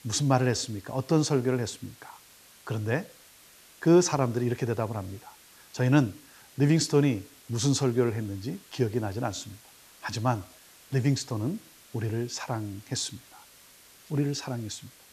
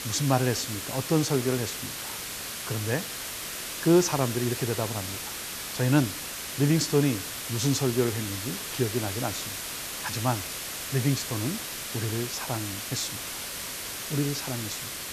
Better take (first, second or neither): first